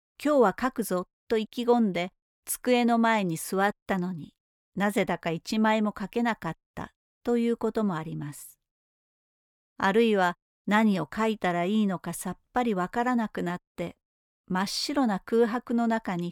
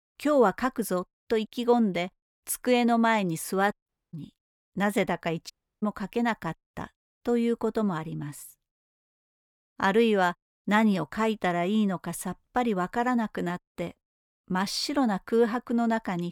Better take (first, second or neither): first